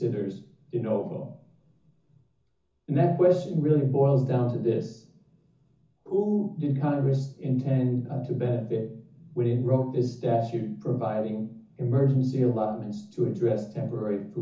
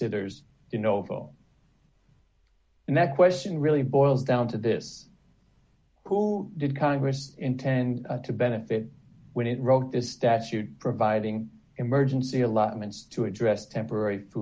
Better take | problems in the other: second | room echo; dies away in 0.6 s

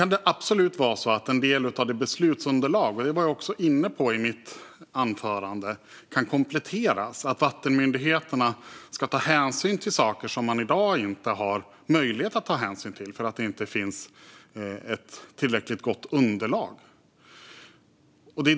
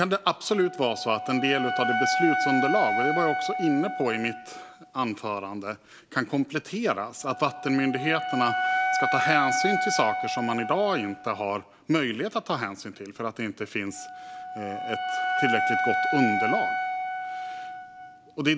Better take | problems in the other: first | background sound (Wind instrument, woodwind instrument); 2 dB below the speech

